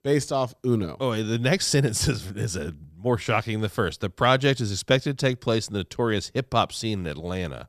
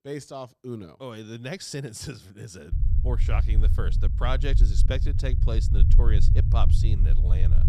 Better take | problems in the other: first | low rumble; loud; from 2.5 s on; 5 dB below the speech

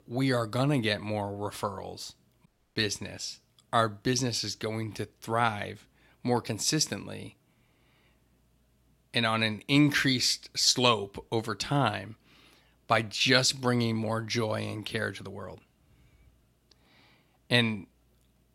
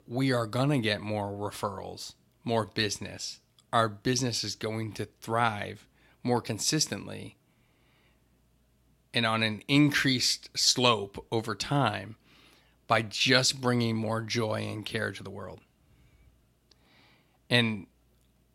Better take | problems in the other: second | audio cutting out; at 2.5 s

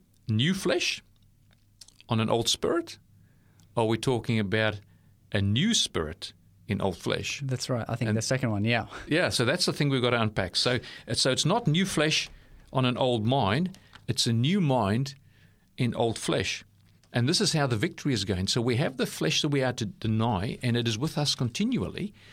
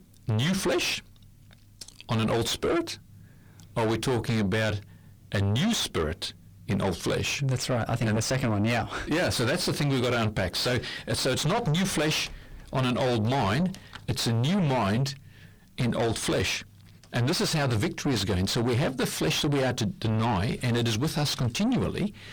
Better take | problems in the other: first | distortion; heavy; 5 dB below the speech

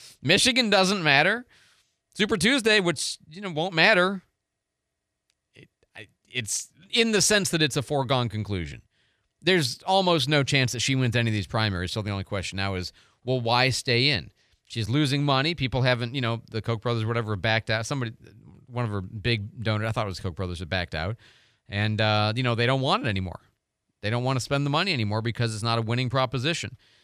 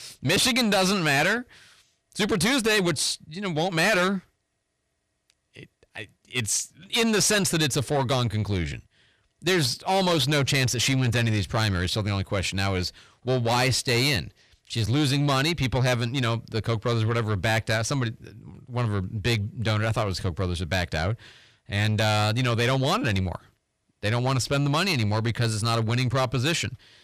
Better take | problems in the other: first | distortion; heavy; 7 dB below the speech

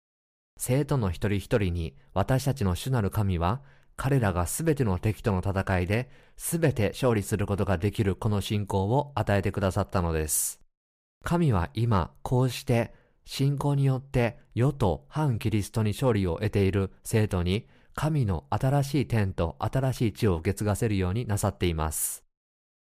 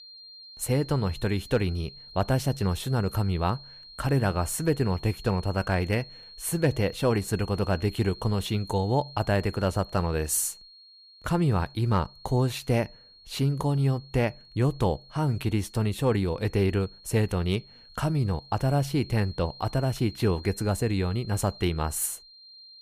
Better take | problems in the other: first | high-pitched whine; noticeable; throughout; 4.5 kHz, 20 dB below the speech

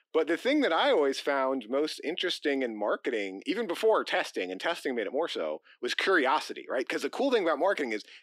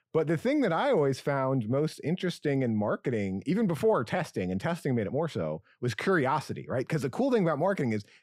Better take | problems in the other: second | thin; somewhat; fading below 300 Hz

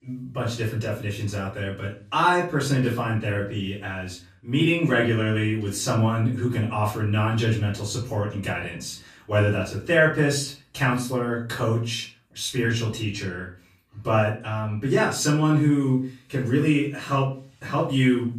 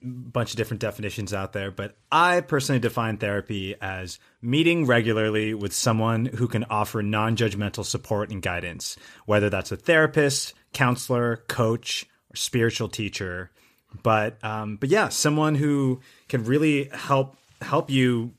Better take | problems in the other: second | off-mic speech; far // room echo; slight; dies away in 0.3 s

